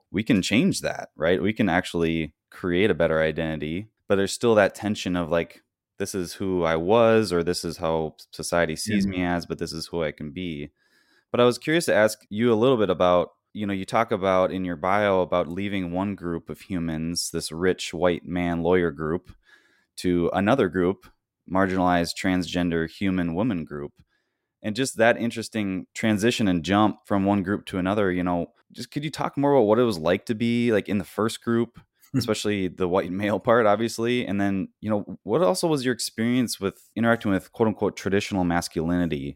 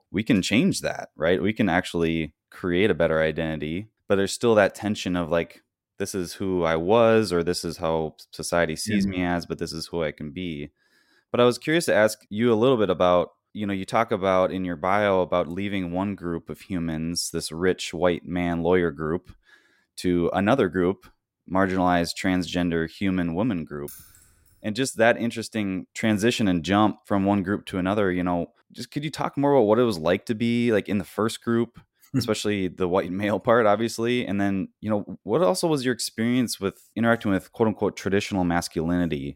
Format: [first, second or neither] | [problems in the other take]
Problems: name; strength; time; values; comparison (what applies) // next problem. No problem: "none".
first | jangling keys; faint; at 24 s; peak 20 dB below the speech